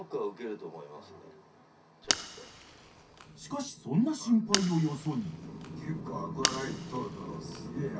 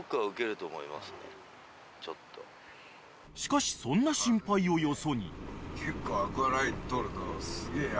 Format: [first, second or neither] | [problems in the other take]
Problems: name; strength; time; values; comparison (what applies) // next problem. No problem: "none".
second | background sound (Fire); 4 dB below the speech // room echo; dies away in 0.3 s